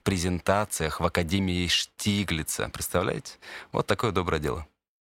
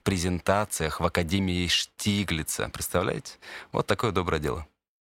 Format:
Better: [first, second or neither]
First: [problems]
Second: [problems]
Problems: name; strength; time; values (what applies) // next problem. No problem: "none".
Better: neither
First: none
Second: none